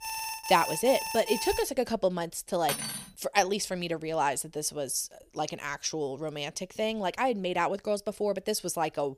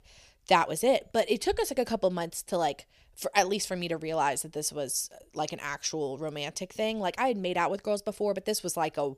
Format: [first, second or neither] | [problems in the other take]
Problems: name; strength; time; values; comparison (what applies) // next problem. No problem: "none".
second | alarm; noticeable; until 1.5 s; peak 4 dB below the speech // clattering dishes; noticeable; at 2.5 s; peak 3 dB below the speech